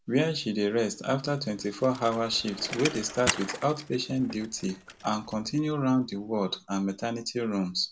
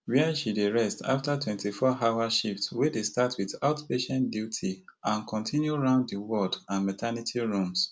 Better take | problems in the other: second | background sound (Bicycle); 12 dB below the speech

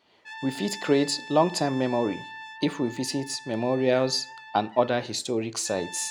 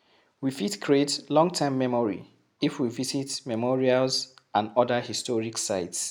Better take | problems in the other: second | background sound (Brass instrument); 16 dB below the speech

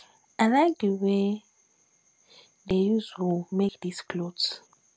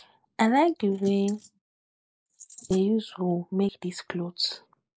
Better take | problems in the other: first | noise reduction (neural mask model Resemble Enhance denoiser)

